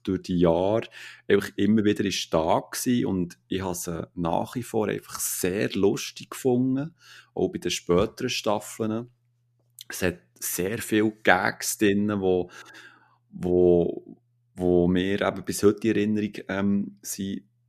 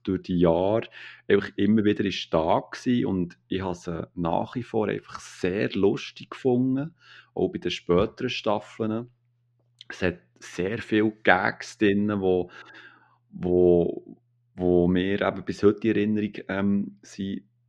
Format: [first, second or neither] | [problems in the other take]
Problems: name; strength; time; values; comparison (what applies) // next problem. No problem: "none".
first | muffled; slightly; fading above 4 kHz